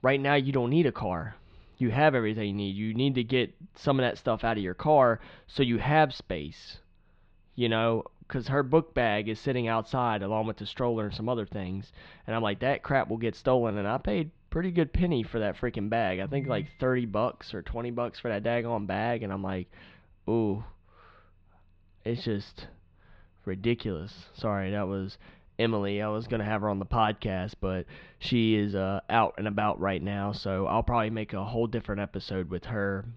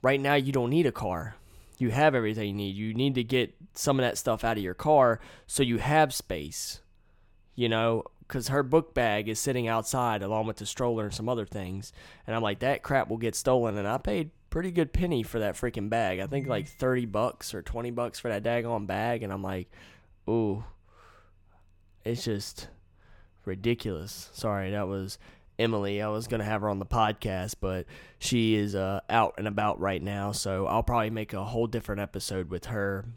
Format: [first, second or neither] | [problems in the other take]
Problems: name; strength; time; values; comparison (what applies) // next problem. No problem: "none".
second | muffled; slightly; fading above 4 kHz